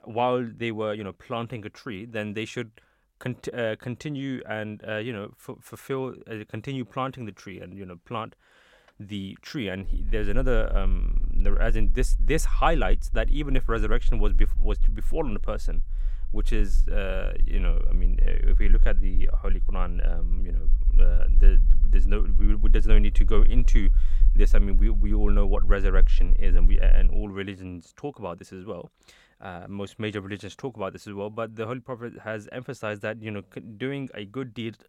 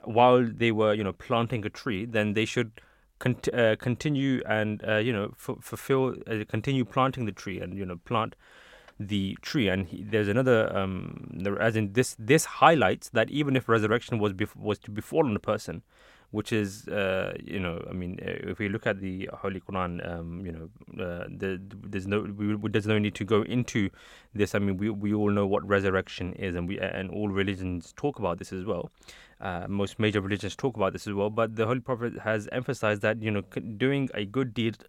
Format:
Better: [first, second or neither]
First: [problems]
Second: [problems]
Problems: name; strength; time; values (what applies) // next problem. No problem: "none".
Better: second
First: low rumble; faint; from 10 to 27 s; 20 dB below the speech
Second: none